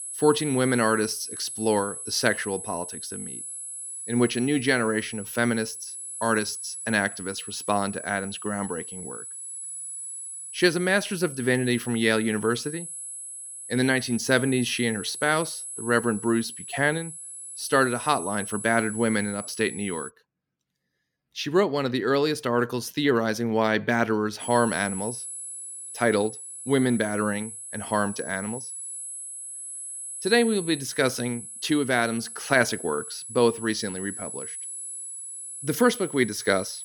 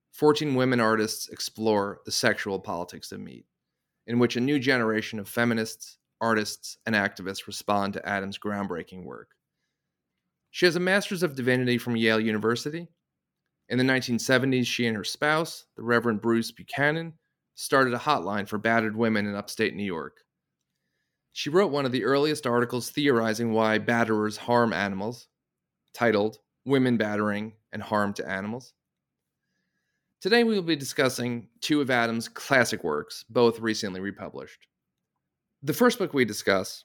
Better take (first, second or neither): second